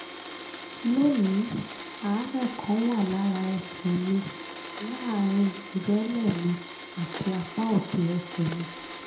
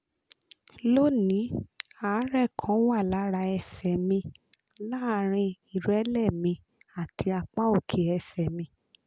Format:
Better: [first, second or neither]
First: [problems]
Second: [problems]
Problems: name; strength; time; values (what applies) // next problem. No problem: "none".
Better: second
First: background sound (Domestic sounds, home sounds); 12 dB below the speech // room echo; dies away in 0.6 s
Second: none